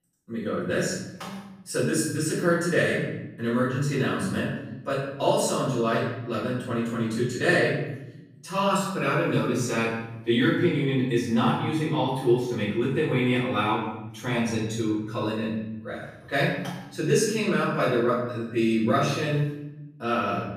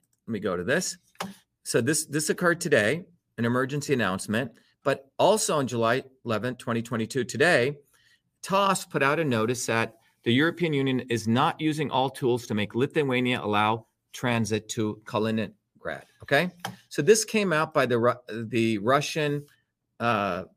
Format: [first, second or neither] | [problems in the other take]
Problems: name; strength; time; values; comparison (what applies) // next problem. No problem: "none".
second | off-mic speech; far // room echo; noticeable; dies away in 1 s